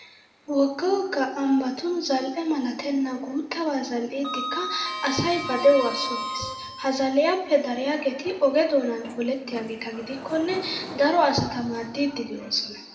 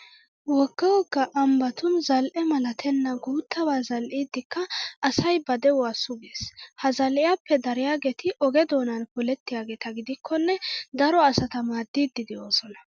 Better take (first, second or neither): second